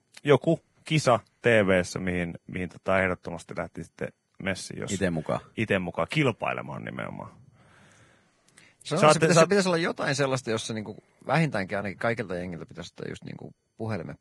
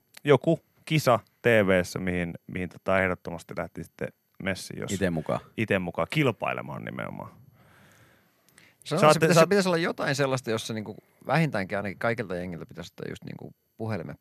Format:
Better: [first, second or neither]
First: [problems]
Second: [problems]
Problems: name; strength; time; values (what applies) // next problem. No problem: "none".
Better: second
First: garbled, watery; badly; nothing above 10.5 kHz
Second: none